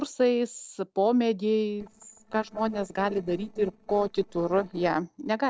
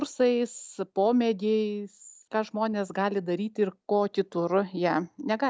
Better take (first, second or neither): second